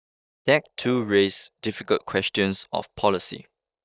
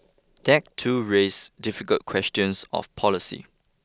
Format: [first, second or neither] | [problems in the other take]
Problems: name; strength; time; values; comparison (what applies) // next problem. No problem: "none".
second | noise reduction (neural mask model DeepFilterNet 3)